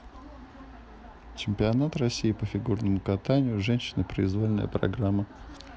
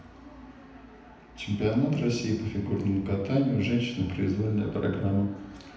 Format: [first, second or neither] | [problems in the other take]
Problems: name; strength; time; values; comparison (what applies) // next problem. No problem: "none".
first | room echo; dies away in 0.9 s